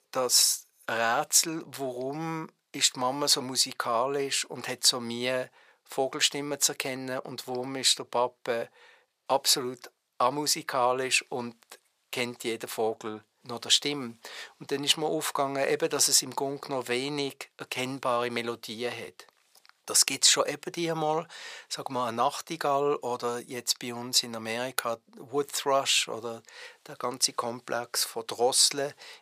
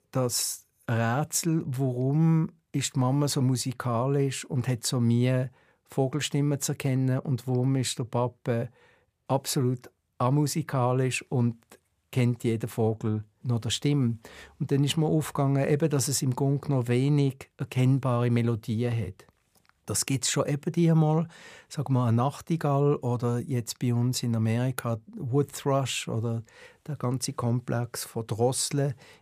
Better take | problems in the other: second | thin; very; fading below 550 Hz

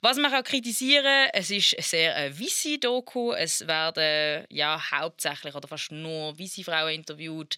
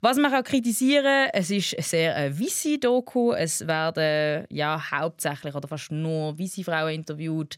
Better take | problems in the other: second | thin; very slightly; fading below 850 Hz

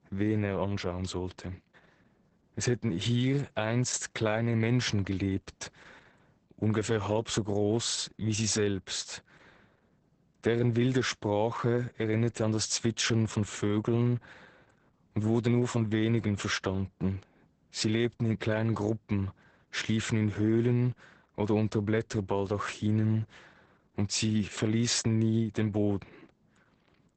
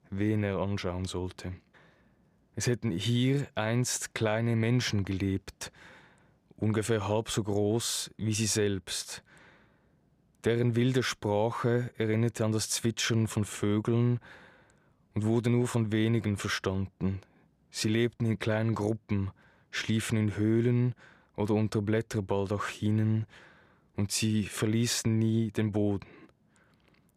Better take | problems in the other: second | garbled, watery; badly; nothing above 8 kHz

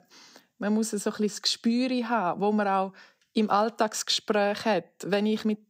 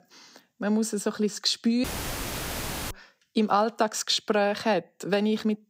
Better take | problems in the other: first | audio cutting out; filled with static; at 2 s for 1 s

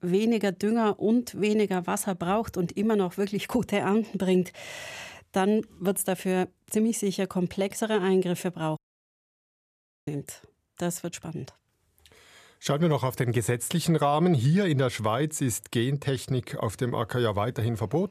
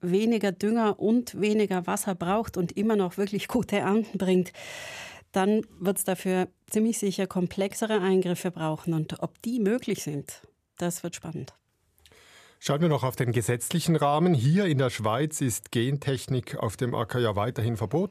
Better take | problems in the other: second | audio cutting out; at 9 s for 1.5 s

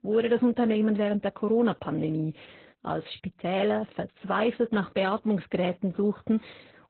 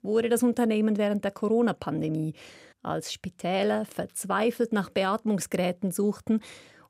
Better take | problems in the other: second | garbled, watery; badly; nothing above 4 kHz

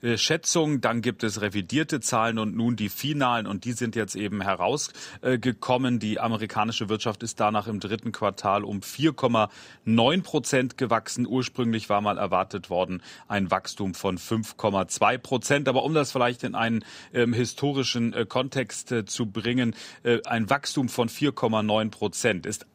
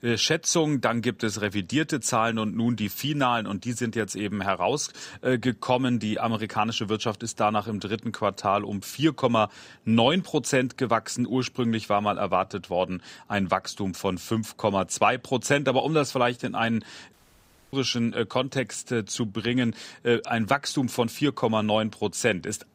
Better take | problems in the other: first | audio cutting out; at 17 s for 0.5 s

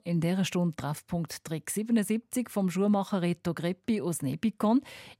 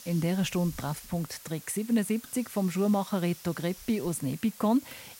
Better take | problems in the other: first | hiss; noticeable; throughout; 15 dB below the speech

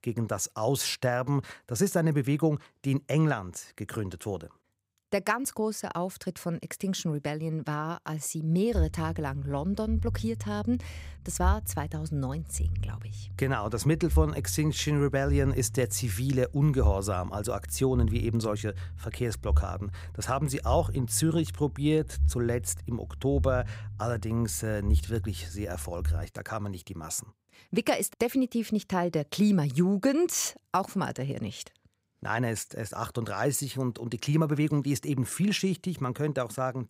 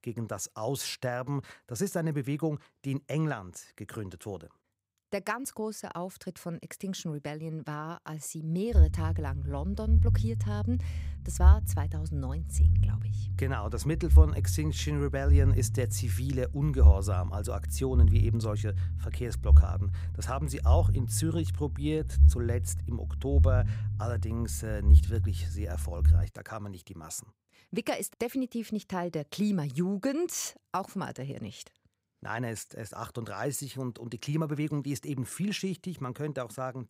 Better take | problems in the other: first | low rumble; loud; from 9 to 26 s; 8 dB below the speech; faint in the first

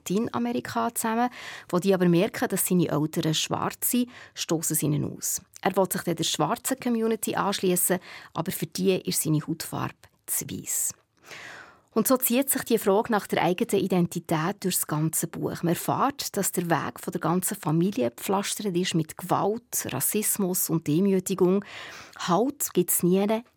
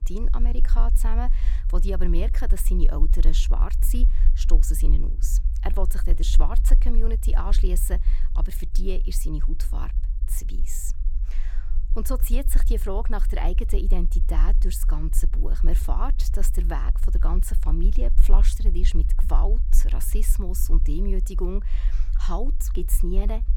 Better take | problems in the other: first | low rumble; noticeable; throughout; 15 dB below the speech

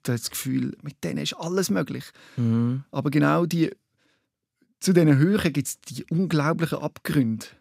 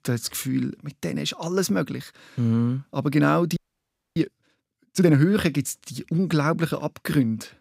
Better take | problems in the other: first | audio freezing; at 3.5 s for 0.5 s

